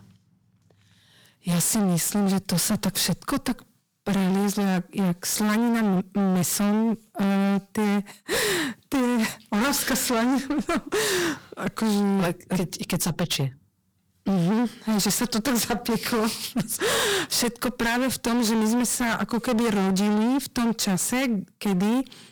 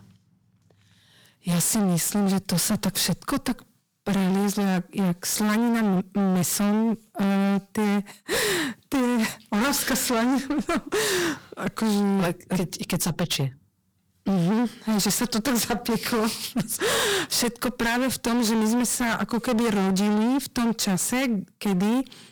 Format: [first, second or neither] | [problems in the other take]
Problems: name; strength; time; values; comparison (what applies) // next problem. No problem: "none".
neither | distortion; heavy; 30% of the sound clipped; the same in both